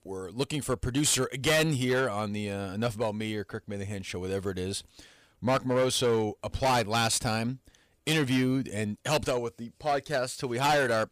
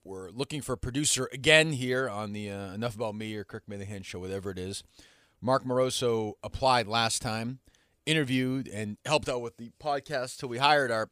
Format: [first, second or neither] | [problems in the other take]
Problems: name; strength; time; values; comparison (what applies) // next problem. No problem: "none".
second | distortion; heavy; 7% of the sound clipped